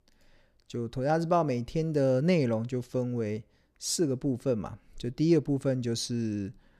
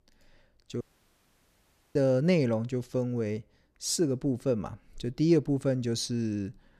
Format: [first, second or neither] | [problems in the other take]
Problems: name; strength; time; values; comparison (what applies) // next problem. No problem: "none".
first | audio cutting out; at 1 s for 1 s